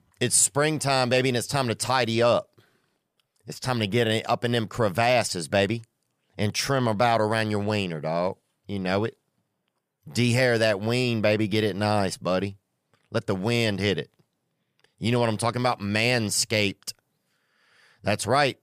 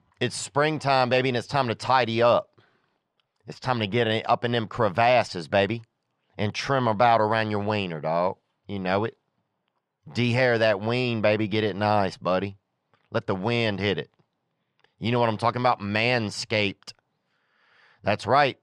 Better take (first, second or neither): first